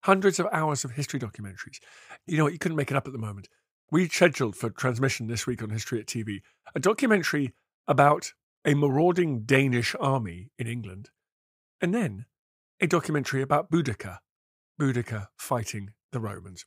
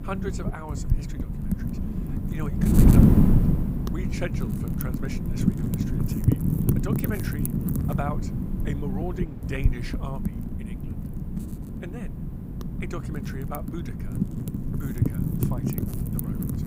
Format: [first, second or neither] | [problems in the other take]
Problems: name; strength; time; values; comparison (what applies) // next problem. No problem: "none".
first | wind noise on the microphone; heavy; 4 dB above the speech